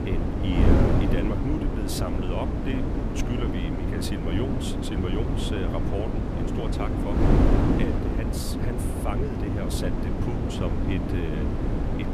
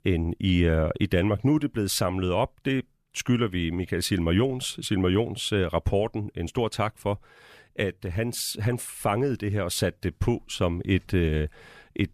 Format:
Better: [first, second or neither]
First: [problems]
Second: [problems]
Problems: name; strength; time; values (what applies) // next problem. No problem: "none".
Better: second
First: wind noise on the microphone; heavy; 3 dB above the speech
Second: none